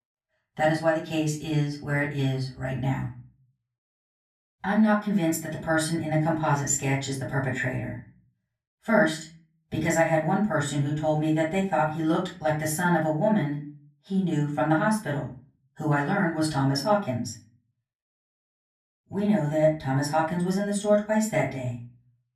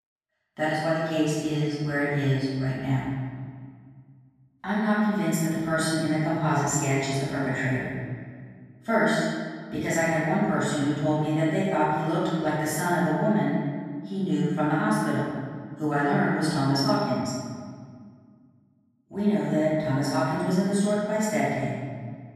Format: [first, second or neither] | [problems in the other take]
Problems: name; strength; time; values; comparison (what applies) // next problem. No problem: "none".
first | room echo; strong; dies away in 1.7 s; slight in the first // off-mic speech; far; far in the first